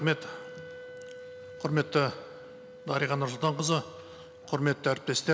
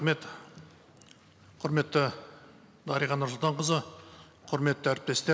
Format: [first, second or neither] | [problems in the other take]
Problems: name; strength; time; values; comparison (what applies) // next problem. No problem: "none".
second | background sound (Wind instrument, woodwind instrument); 16 dB below the speech